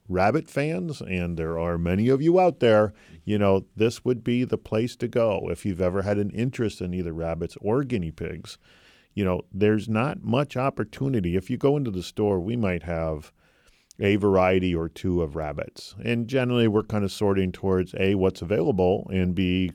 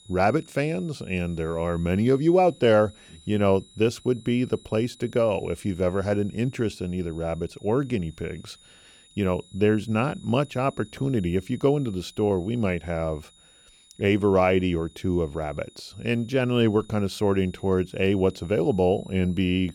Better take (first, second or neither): first